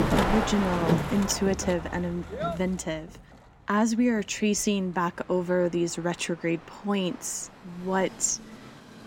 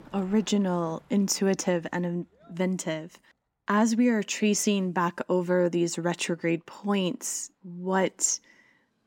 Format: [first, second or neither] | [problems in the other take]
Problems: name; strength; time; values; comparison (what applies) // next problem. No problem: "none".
second | train or aircraft noise; loud; throughout; 2 dB below the speech; faint in the second